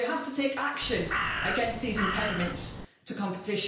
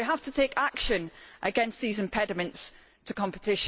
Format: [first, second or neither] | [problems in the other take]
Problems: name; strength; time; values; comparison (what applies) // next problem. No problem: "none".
second | background sound (Crow); 2 dB below the speech // room echo; dies away in 0.5 s